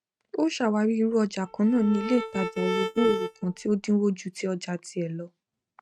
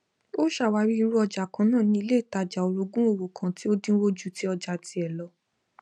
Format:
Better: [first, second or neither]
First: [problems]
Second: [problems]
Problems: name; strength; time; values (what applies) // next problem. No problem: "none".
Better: second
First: noise reduction (neural mask model RNNoise)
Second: none